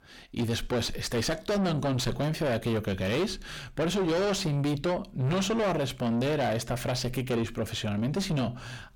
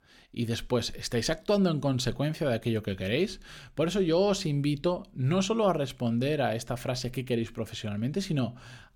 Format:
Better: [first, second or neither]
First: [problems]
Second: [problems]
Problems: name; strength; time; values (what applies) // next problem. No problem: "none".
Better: second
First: distortion; heavy; 6 dB below the speech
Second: none